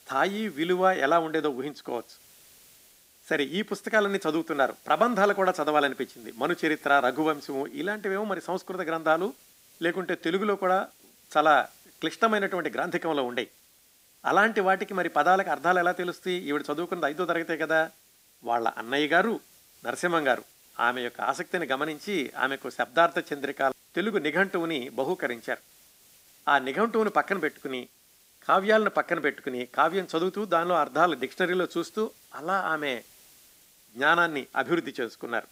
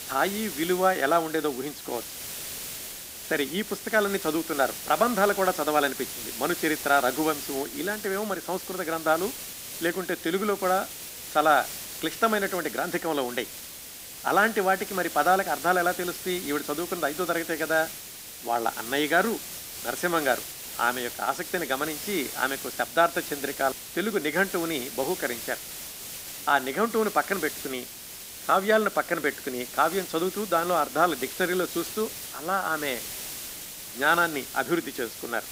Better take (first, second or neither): first